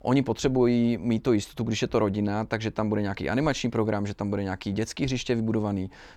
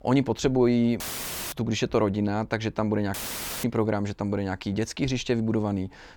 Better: first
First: none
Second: audio cutting out; filled with static; at 1 s for 0.5 s and at 3 s for 0.5 s

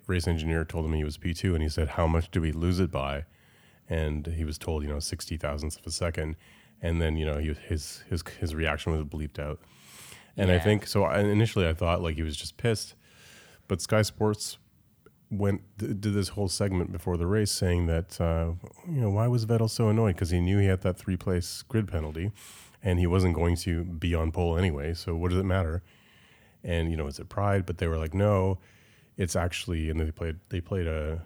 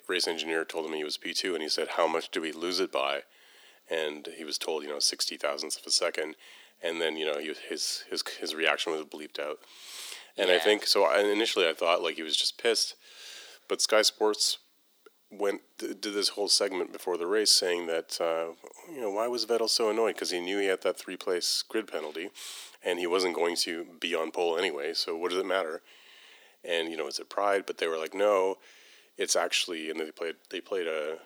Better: first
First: none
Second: thin; very; fading below 300 Hz

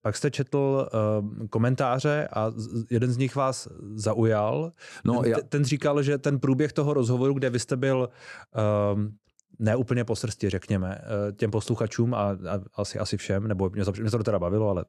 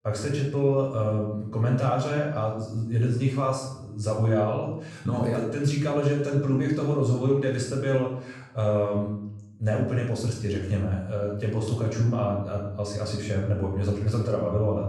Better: first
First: none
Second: room echo; noticeable; dies away in 0.6 s // off-mic speech; far

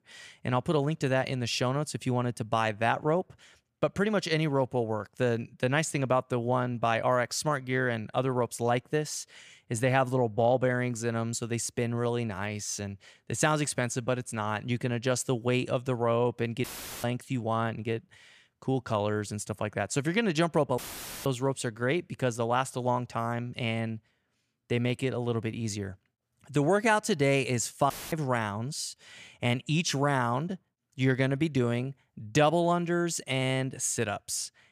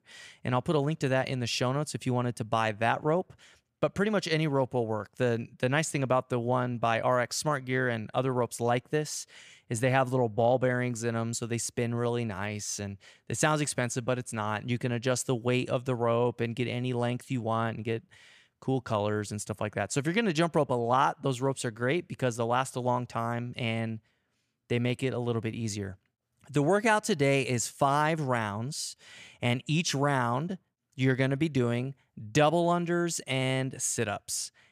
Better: second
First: audio cutting out; filled with static; at 17 s, at 21 s and at 28 s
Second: none

